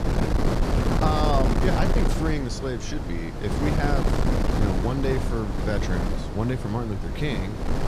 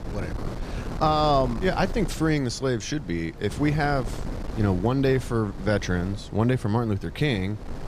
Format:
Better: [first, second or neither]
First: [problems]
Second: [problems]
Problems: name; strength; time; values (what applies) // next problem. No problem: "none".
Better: second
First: wind noise on the microphone; heavy; 1 dB below the speech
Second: wind noise on the microphone; occasional gusts; 15 dB below the speech